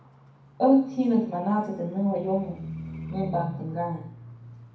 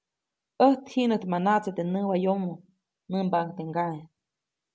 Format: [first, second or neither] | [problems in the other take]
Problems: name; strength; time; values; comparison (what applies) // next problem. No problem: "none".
second | background sound (Livestock, farm animals, working animals); 13 dB below the speech // room echo; dies away in 0.6 s